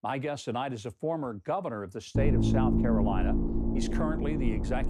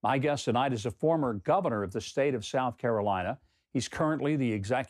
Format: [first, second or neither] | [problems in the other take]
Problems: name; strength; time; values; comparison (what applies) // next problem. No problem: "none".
second | low rumble; loud; from 2 s on; 1 dB below the speech